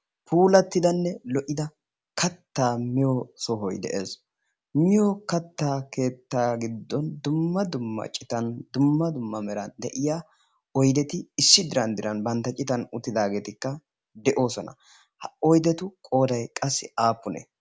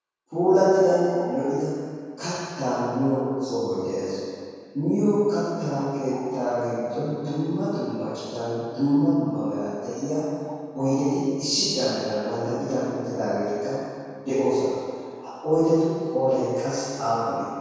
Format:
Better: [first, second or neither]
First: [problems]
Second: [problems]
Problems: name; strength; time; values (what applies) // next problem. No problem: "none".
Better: first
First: none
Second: background sound (Bird); 15 dB below the speech // room echo; dies away in 2.2 s